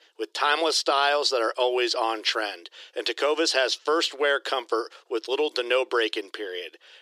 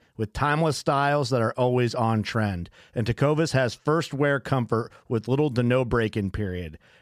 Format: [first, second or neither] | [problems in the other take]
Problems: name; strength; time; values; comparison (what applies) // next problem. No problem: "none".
second | thin; very; fading below 350 Hz